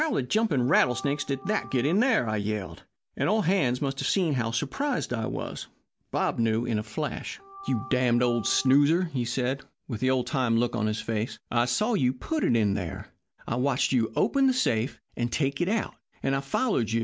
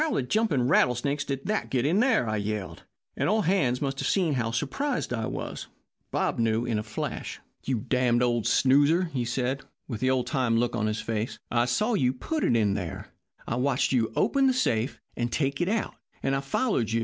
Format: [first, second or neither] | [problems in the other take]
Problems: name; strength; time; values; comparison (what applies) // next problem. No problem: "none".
second | background sound (Organ); 16 dB below the speech